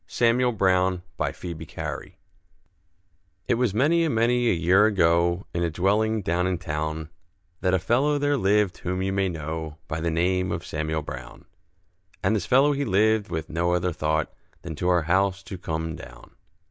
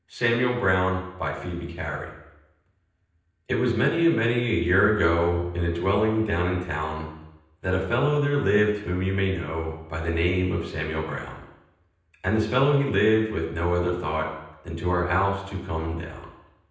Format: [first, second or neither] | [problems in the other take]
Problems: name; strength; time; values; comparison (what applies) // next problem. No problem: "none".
first | room echo; dies away in 0.9 s